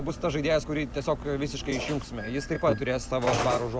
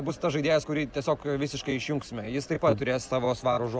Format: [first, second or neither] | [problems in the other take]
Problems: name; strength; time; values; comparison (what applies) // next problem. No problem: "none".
second | background sound (Telephone); 7 dB below the speech